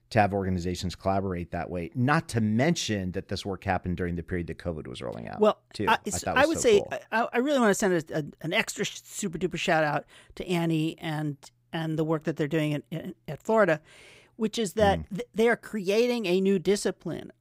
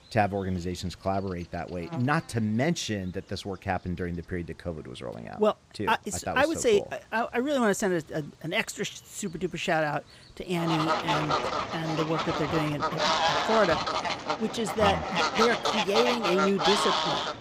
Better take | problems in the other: first | animal sounds; very loud; throughout; 1 dB above the speech

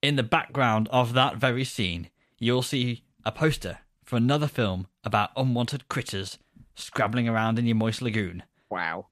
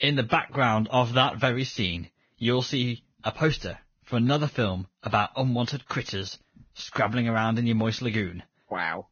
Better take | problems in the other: first | garbled, watery; badly; nothing above 6.5 kHz

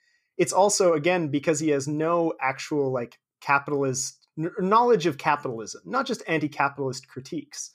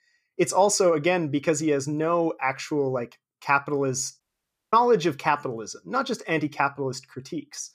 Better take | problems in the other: first | audio cutting out; at 4 s for 0.5 s

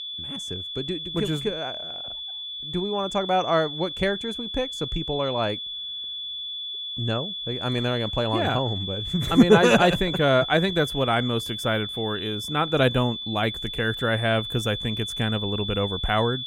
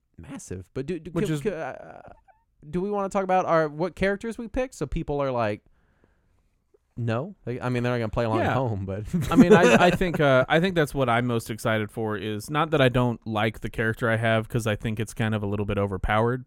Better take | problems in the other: second | high-pitched whine; loud; throughout; 3.5 kHz, 6 dB below the speech

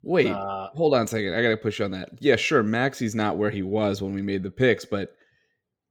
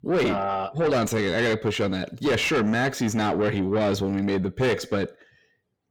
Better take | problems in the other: first | distortion; heavy; 6 dB below the speech

